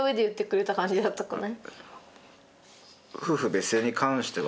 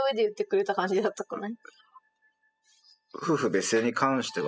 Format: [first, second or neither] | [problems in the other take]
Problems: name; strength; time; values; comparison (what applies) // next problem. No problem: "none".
first | noise reduction (classical method spectral subtraction)